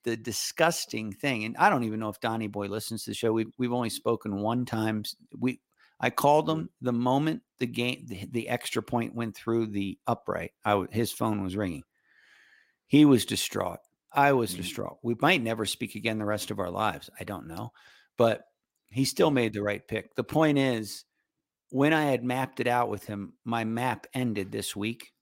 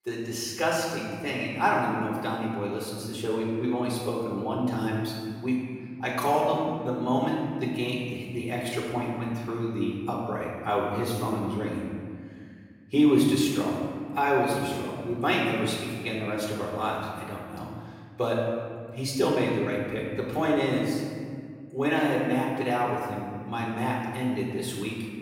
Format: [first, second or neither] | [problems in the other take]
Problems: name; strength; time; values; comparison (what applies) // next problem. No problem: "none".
first | off-mic speech; far // room echo; noticeable; dies away in 1.7 s